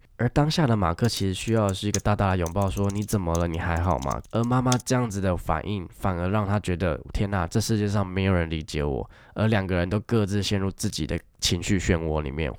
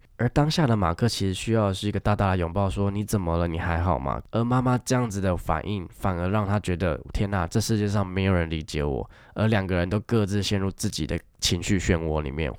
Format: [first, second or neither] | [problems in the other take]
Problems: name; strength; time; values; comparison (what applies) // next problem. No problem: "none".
second | keyboard typing; noticeable; from 1 to 5 s; peak 7 dB below the speech